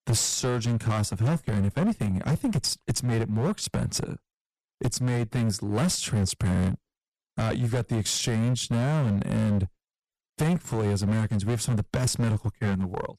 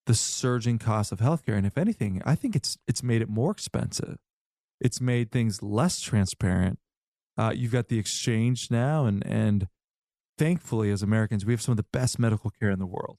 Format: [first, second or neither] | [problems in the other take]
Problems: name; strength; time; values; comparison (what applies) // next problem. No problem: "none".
second | distortion; heavy; 15% of the sound clipped